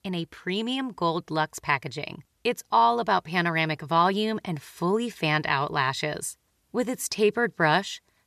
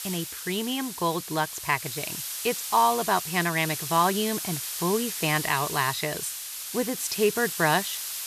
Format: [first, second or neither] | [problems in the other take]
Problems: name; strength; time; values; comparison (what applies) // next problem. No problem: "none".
first | hiss; loud; throughout; 5 dB below the speech